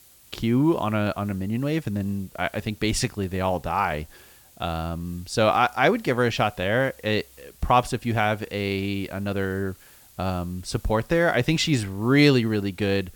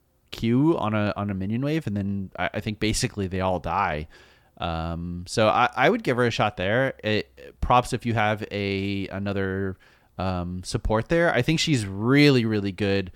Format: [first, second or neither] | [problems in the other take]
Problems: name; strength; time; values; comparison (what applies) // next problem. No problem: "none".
second | hiss; faint; throughout; 25 dB below the speech